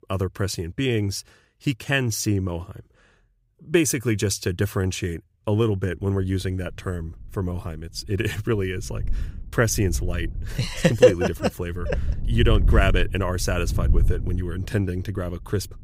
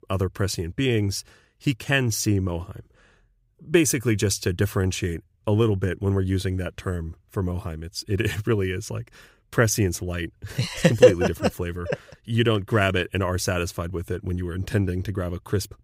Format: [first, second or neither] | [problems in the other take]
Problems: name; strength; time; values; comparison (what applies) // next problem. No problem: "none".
second | wind noise on the microphone; occasional gusts; from 6 s on; 15 dB below the speech